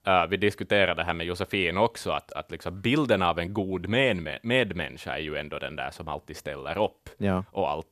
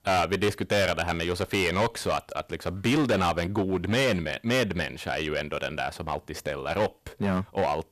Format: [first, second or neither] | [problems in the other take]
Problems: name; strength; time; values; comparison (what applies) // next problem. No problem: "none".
first | distortion; heavy; 10% of the sound clipped